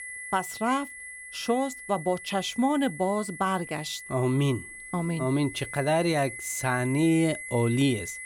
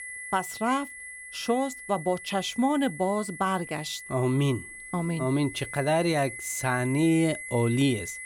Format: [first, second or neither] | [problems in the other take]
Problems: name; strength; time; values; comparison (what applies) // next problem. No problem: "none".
neither | high-pitched whine; noticeable; throughout; 2 kHz, 10 dB below the speech; the same in both